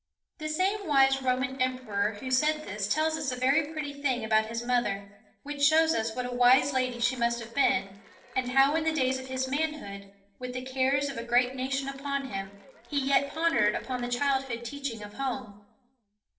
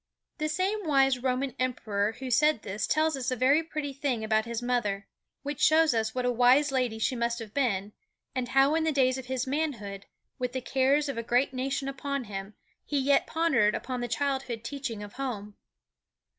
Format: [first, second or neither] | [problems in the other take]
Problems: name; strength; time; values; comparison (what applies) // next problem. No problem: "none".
second | noise reduction (neural separator model SepFormer DNS4)